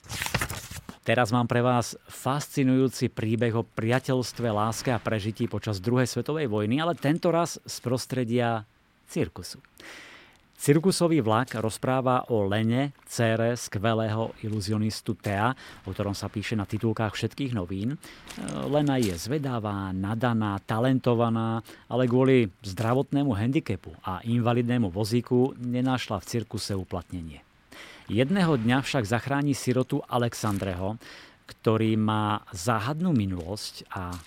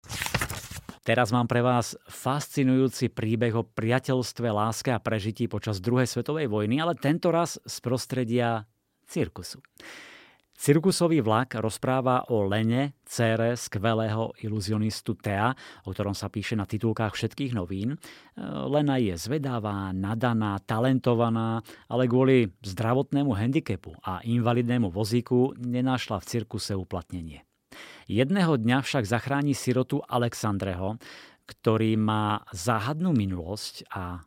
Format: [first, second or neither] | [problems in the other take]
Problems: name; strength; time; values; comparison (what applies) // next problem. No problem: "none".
second | wind noise on the microphone; occasional gusts; 25 dB below the speech